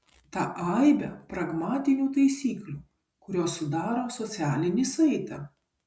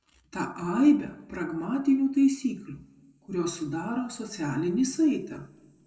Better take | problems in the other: first | room echo; dies away in 1 s

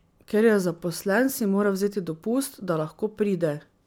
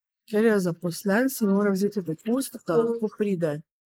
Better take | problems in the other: first | noise reduction (neural mask model Resemble Enhance denoiser)

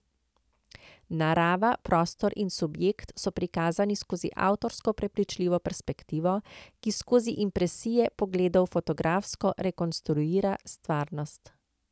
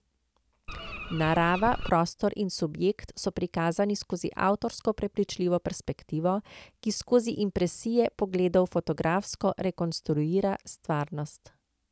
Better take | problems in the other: first | background sound (Bird); 8 dB below the speech

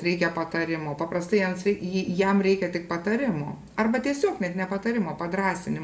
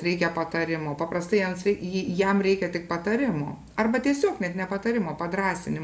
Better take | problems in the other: second | room echo; dies away in 1.7 s

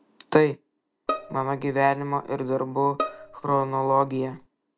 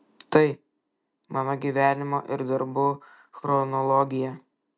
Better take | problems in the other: second | background sound (Bowed string instrument); 10 dB below the speech

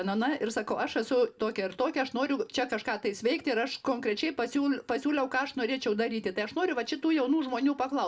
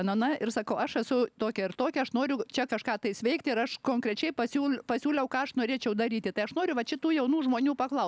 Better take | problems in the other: second | room echo; dies away in 0.2 s

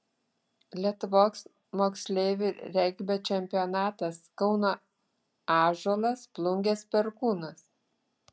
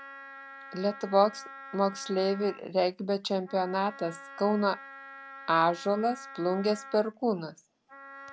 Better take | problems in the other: first | background sound (Wind instrument, woodwind instrument); 17 dB below the speech

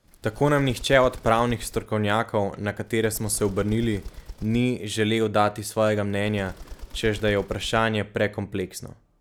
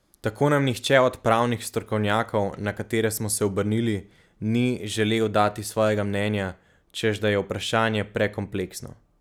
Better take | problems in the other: second | background sound (Bird); 15 dB below the speech

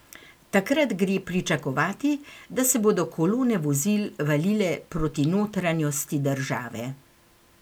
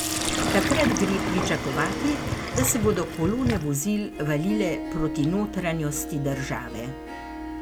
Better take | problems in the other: first | background sound (Harp + Sink (filling or washing)); 2 dB below the speech

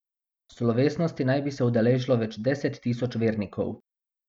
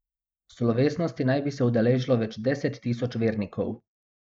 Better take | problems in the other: first | noise reduction (neural mask model Resemble Enhance denoiser)

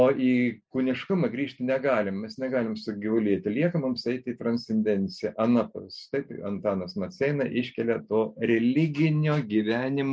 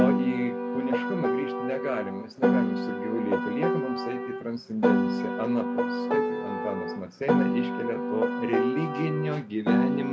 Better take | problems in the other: first | background sound (Piano); 5 dB above the speech

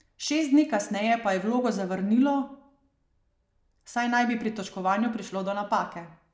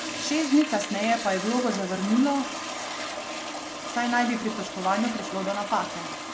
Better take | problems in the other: first | background sound (Toilet flush); 7 dB below the speech

